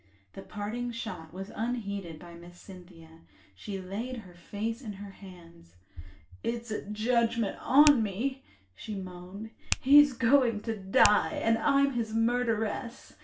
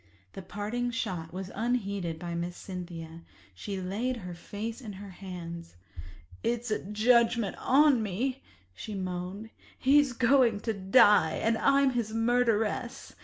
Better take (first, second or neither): second